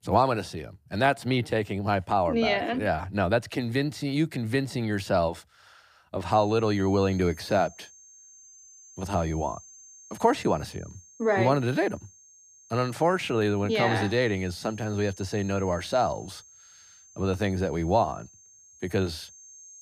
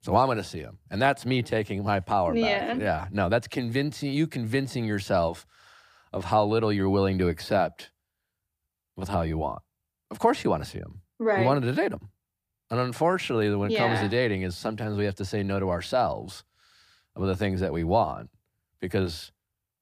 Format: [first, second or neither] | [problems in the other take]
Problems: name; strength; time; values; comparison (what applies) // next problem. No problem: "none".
second | high-pitched whine; faint; from 6.5 s on; 6.5 kHz, 25 dB below the speech